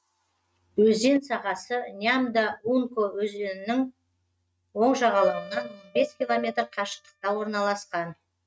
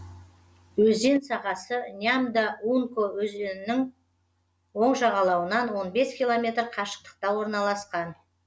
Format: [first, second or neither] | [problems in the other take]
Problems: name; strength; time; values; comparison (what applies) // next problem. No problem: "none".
second | noise reduction (neural mask model RNNoise)